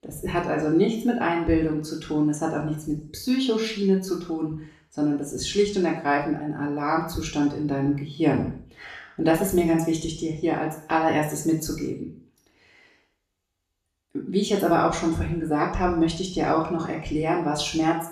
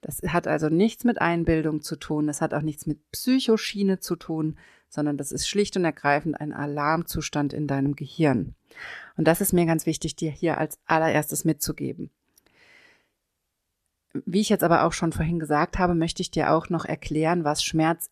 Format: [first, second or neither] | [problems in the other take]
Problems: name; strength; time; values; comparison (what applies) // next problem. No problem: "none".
second | room echo; noticeable; dies away in 0.5 s // off-mic speech; far